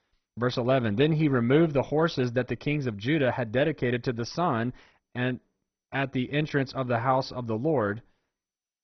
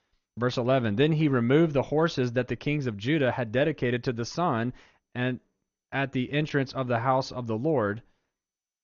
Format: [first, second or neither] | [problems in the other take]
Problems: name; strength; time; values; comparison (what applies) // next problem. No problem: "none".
second | garbled, watery; badly; nothing above 6 kHz; slightly in the second